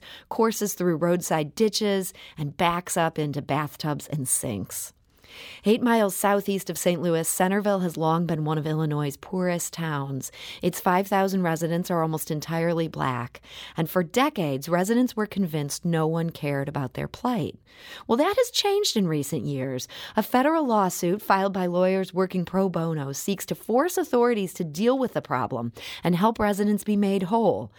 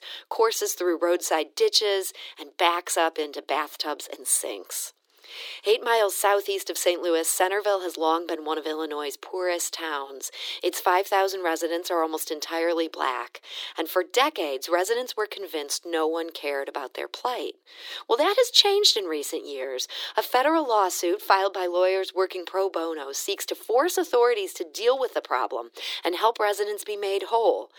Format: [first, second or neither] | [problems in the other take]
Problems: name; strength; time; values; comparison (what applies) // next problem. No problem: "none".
first | thin; very; fading below 300 Hz